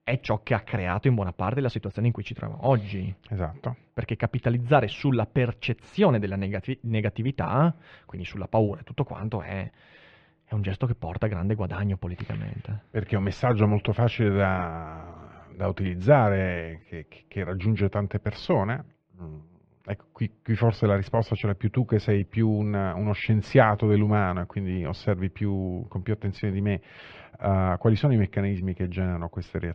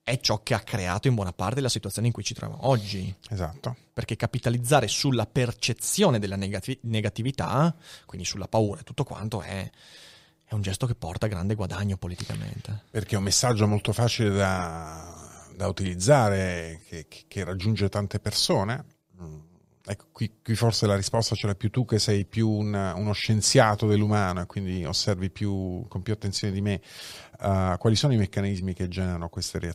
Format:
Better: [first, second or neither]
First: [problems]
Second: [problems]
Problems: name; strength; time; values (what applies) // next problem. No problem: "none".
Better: second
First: muffled; very; fading above 2.5 kHz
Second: none